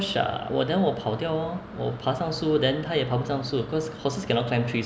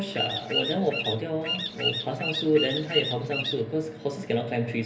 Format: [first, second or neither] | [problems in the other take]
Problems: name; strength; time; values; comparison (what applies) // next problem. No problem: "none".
first | background sound (Bird vocalization, bird call, bird song); 3 dB below the speech // room echo; dies away in 0.3 s